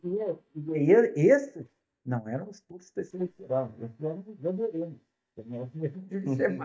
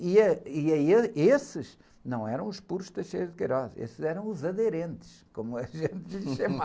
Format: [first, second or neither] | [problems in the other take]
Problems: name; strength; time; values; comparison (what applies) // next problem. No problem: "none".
second | noise reduction (neural mask model DeepFilterNet 3)